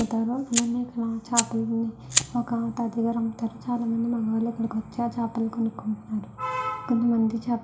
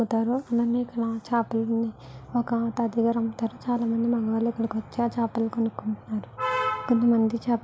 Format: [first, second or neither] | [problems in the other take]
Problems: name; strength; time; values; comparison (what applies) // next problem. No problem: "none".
second | background sound (Fire); 8 dB below the speech // room echo; dies away in 0.4 s